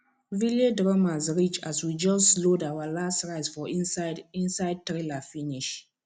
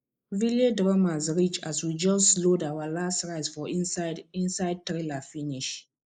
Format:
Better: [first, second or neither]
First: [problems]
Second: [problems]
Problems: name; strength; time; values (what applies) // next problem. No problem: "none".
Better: first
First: none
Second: noise reduction (neural mask model Resemble Enhance denoiser)